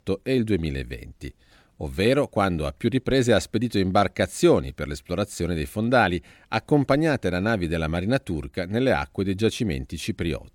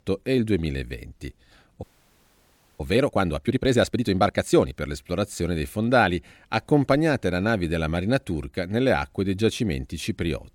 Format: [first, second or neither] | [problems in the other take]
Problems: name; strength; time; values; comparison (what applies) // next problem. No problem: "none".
first | audio freezing; at 2 s for 1 s